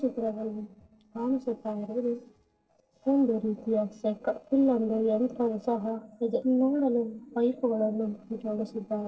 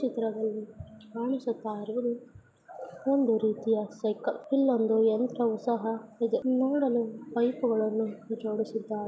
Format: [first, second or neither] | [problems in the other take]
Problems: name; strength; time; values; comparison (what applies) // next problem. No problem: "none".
second | noise reduction (neural separator model SepFormer DNS4)